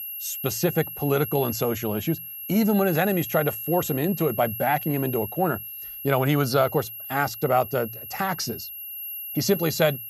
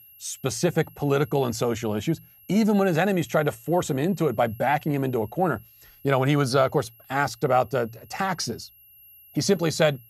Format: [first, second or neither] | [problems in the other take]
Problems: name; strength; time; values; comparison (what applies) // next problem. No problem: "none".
second | high-pitched whine; loud; throughout; 11.5 kHz, 8 dB below the speech; faint in the second